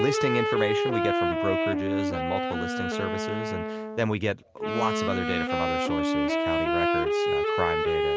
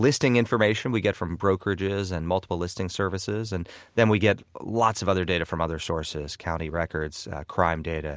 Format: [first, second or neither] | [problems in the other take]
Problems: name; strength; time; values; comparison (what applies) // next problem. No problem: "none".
second | background sound (Wind instrument, woodwind instrument); 5 dB above the speech